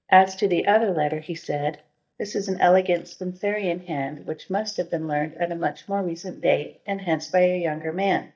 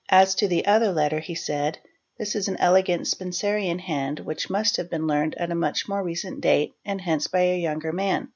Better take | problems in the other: second | noise reduction (neural mask model DeepFilterNet 3)

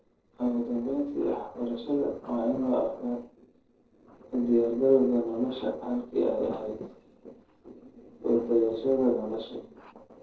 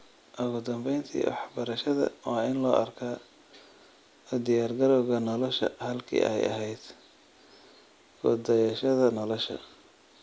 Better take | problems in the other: second | noise reduction (neural separator model SepFormer DNS4)

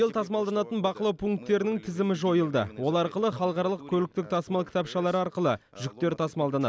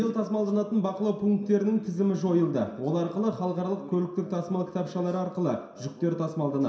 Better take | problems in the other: first | room echo; dies away in 0.7 s

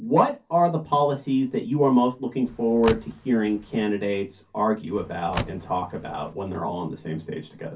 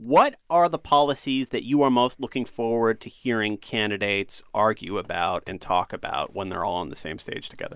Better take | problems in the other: second | background sound (Car); 12 dB below the speech // room echo; dies away in 0.3 s

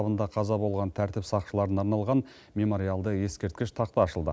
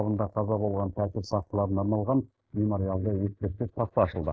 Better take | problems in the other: first | noise reduction (neural mask model Resemble Enhance denoiser)

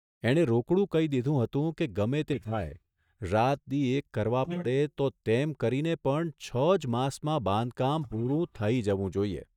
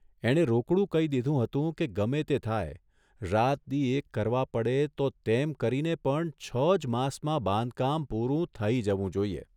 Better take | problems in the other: second | noise reduction (neural mask model DeepFilterNet 3)

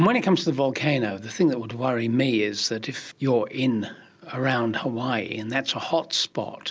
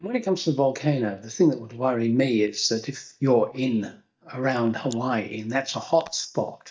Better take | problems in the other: first | noise reduction (neural mask model DeepFilterNet 3)

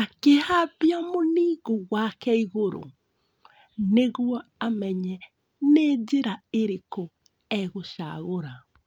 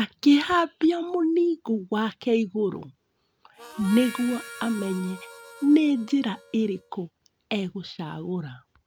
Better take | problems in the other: first | background sound (Harmonica); 17 dB below the speech

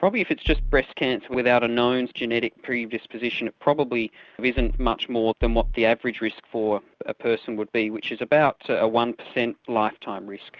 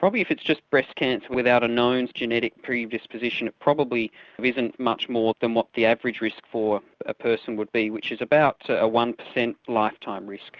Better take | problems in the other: second | background sound (Bass drum); as loud as the speech

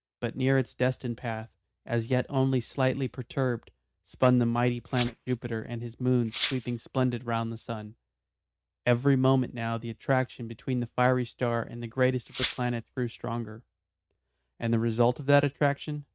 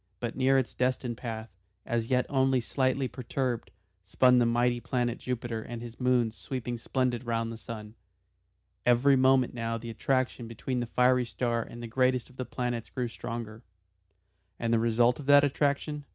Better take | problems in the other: second | noise reduction (neural mask model RNNoise)

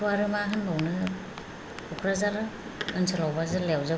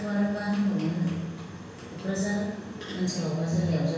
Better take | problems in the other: first | room echo; dies away in 1 s

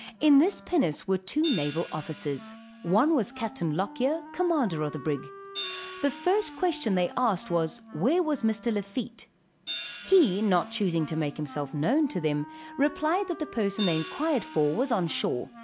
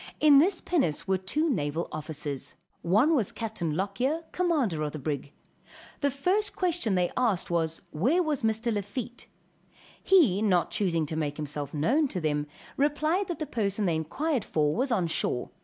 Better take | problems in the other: second | background sound (Hi-hat + Wind instrument, woodwind instrument); 15 dB below the speech

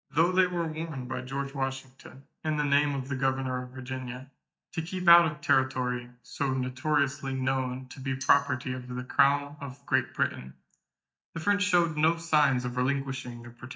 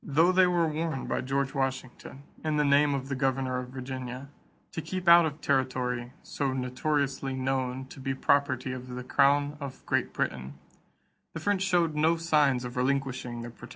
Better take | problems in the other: second | noise reduction (neural mask model DeepFilterNet 3)

